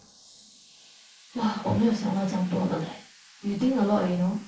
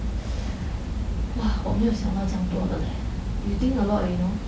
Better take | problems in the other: second | noise reduction (neural mask model Resemble Enhance denoiser)

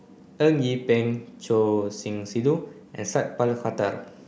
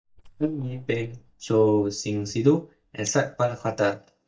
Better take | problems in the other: first | noise reduction (neural mask model DeepFilterNet 3)

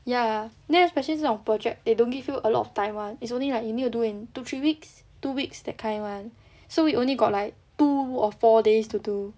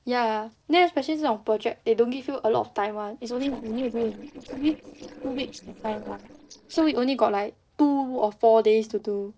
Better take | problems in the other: first | noise reduction (neural separator model SepFormer DNS4)

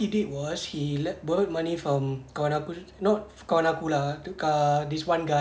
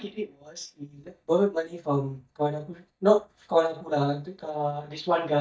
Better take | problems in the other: first | noise reduction (neural mask model DeepFilterNet 3)

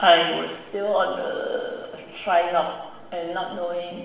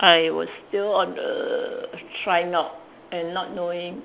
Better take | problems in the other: second | room echo; dies away in 1 s

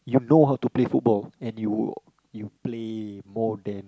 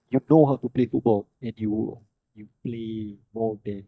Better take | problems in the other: first | noise reduction (neural mask model DeepFilterNet 3)

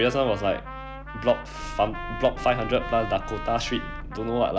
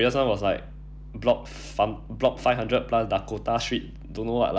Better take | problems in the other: second | background sound (Trumpet + Engine); 10 dB below the speech

